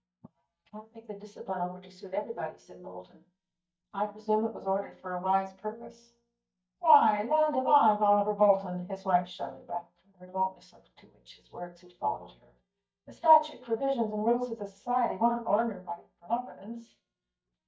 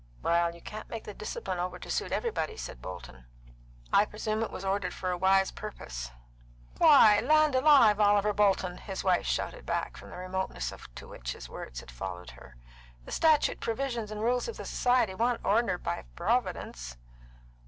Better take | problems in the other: second | noise reduction (neural mask model DeepFilterNet 3)

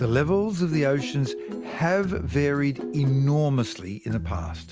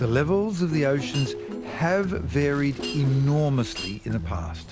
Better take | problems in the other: first | background sound (Shatter + Gunshot, gunfire); 17 dB below the speech

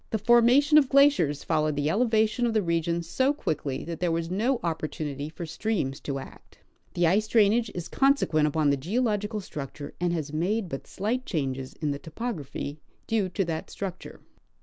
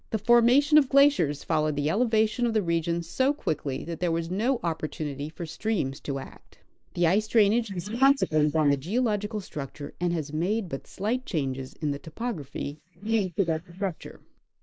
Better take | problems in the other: first | noise reduction (neural mask model Resemble Enhance denoiser)

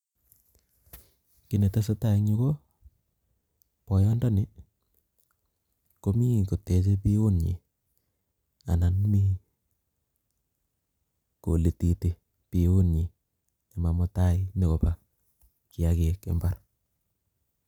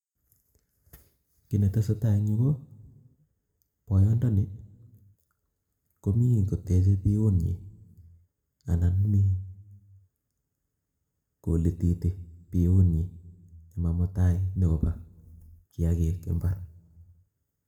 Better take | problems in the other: first | room echo; dies away in 0.7 s

